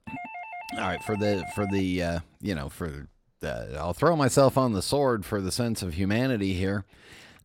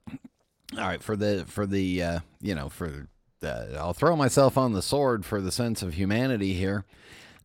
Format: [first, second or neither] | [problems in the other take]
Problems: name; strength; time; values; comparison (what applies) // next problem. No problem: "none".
second | doorbell; faint; until 2 s; peak 10 dB below the speech